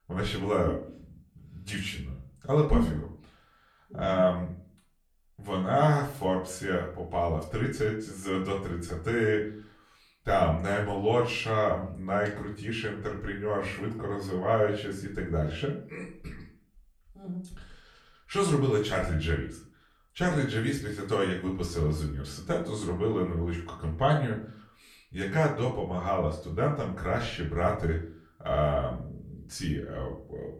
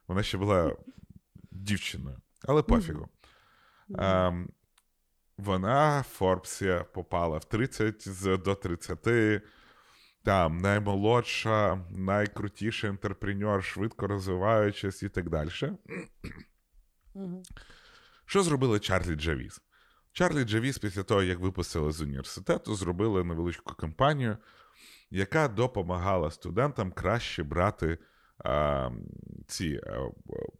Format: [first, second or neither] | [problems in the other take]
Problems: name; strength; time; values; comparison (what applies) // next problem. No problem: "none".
second | room echo; slight; dies away in 0.4 s // off-mic speech; far